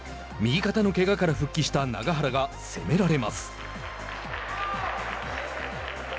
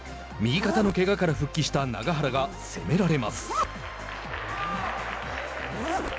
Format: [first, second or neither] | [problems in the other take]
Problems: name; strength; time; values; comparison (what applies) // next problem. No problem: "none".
first | background sound (Zipper (clothing)); 9 dB below the speech